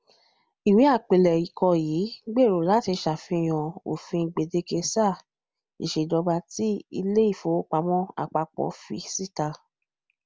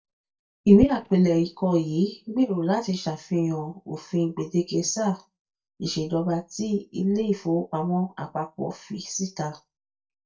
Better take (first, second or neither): first